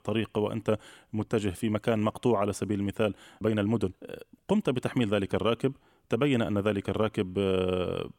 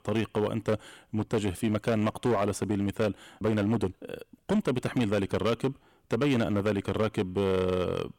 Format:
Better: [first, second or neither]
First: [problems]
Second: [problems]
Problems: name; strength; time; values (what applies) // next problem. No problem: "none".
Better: first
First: none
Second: distortion; slight; 8% of the sound clipped